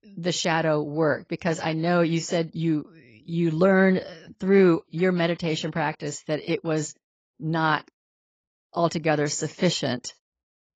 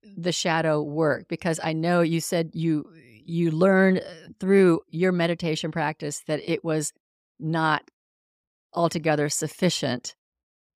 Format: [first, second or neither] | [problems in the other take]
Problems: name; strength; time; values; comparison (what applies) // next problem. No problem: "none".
second | garbled, watery; badly; nothing above 7.5 kHz